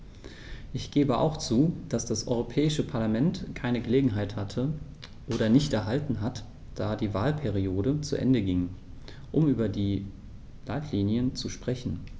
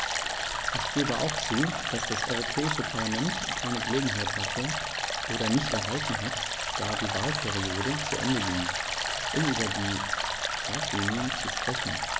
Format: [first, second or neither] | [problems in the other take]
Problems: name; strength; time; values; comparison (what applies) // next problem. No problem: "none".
first | background sound (Stream); 2 dB above the speech